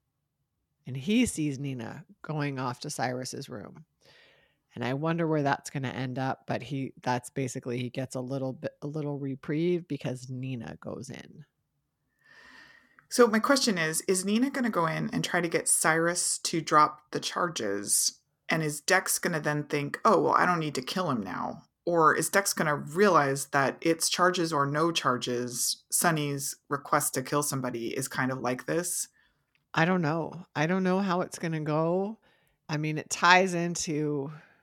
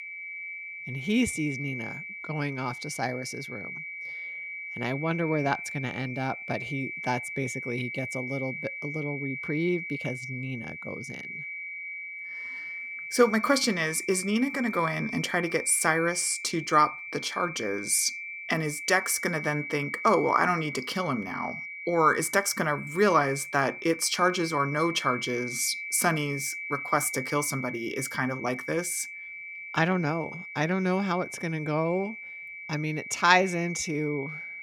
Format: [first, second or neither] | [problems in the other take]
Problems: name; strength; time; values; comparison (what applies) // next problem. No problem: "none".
first | high-pitched whine; loud; throughout; 2.5 kHz, 8 dB below the speech